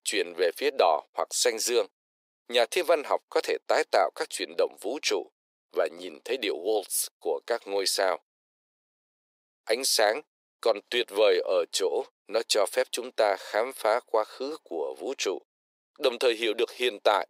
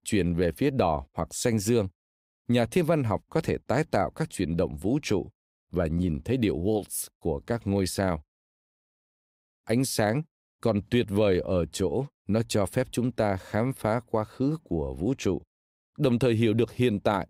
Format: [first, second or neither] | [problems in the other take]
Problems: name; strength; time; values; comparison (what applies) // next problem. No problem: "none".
second | thin; very; fading below 400 Hz